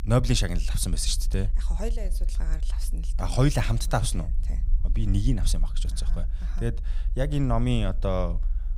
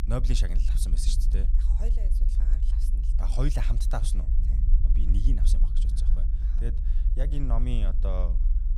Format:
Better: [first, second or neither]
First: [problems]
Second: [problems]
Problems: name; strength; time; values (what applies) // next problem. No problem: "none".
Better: first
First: low rumble; faint; throughout; 25 dB below the speech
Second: low rumble; loud; throughout; 9 dB below the speech